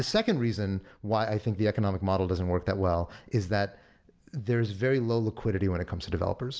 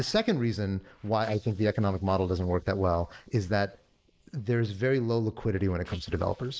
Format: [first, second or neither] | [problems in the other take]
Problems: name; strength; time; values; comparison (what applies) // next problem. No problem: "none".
first | noise reduction (neural mask model Resemble Enhance denoiser)